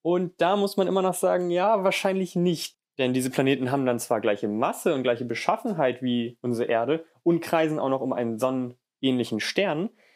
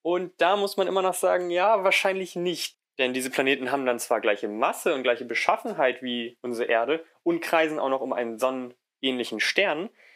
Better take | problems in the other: first | thin; somewhat; fading below 350 Hz

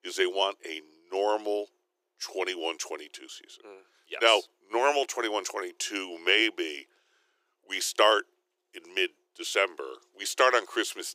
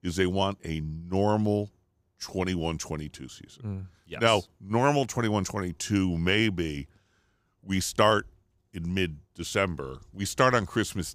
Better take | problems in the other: second | thin; very; fading below 350 Hz

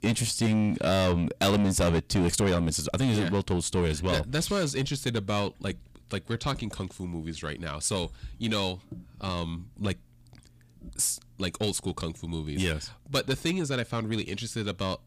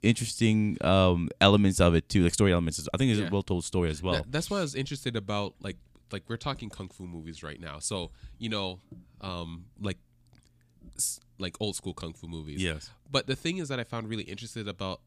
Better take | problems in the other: second | distortion; heavy; 6 dB below the speech

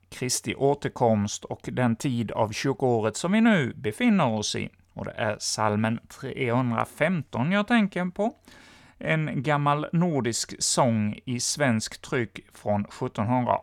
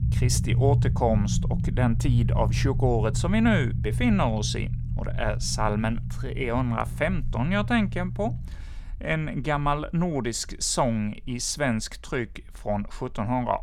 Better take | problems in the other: first | low rumble; noticeable; throughout; 15 dB below the speech

